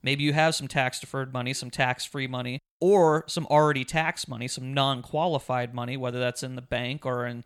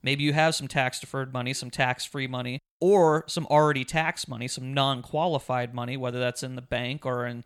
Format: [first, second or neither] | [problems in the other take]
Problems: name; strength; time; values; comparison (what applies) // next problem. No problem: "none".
neither | none